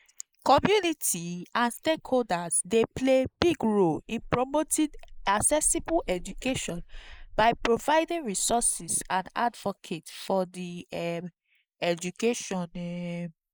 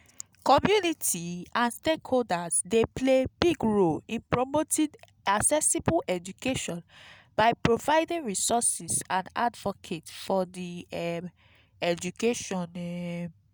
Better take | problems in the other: second | noise reduction (neural mask model Resemble Enhance denoiser)

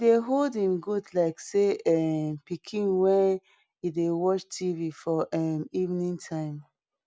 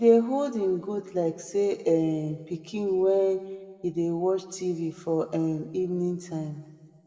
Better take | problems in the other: first | room echo; dies away in 1.5 s

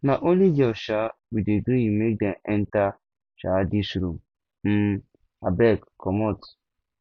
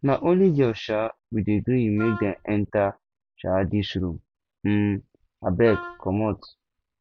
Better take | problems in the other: first | background sound (Wind instrument, woodwind instrument); 14 dB below the speech

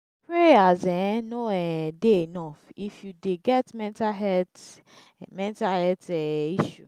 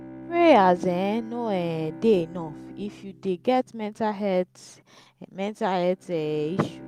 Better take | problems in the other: first | background sound (Bowed string instrument); 18 dB below the speech

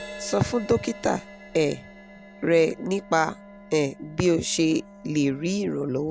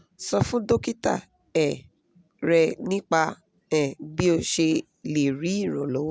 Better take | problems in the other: second | background sound (Crash cymbal + Wind instrument, woodwind instrument); 18 dB below the speech

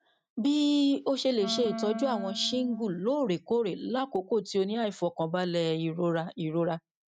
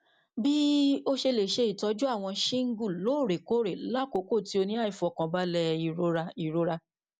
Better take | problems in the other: second | noise reduction (neural mask model RNNoise)

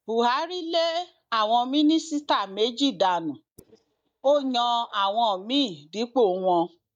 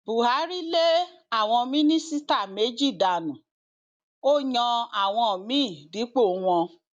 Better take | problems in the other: second | noise reduction (neural mask model DeepFilterNet 3)

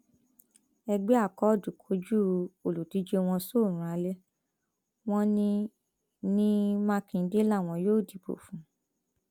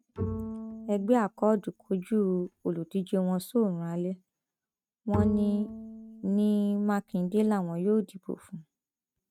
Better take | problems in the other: first | noise reduction (neural mask model RNNoise)

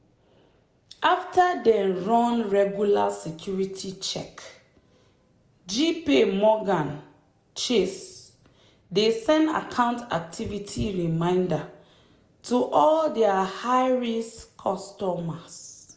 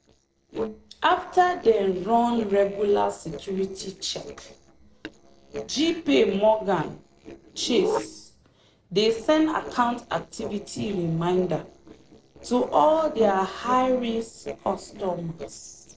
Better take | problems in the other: first | noise reduction (neural separator model SepFormer DNS4)

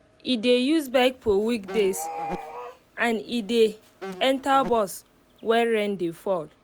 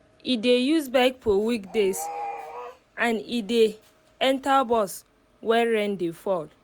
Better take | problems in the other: second | background sound (Insect); 17 dB below the speech

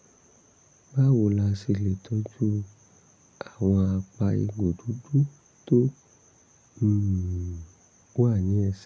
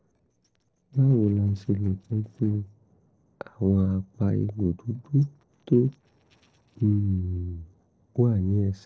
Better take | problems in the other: first | noise reduction (neural separator model SepFormer DNS4)

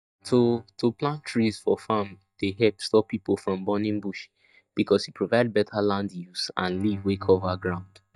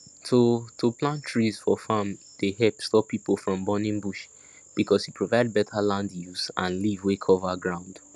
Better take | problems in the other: second | noise reduction (neural mask model DeepFilterNet 3)

